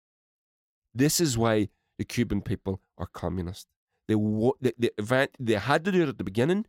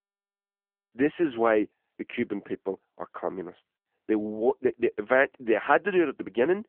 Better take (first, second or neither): first